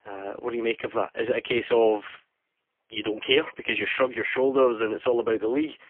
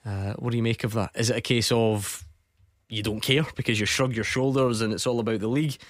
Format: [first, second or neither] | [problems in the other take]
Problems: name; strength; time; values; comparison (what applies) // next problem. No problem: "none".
second | phone-call audio; poor line; nothing above 3.5 kHz